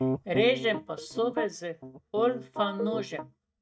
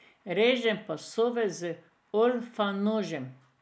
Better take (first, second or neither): second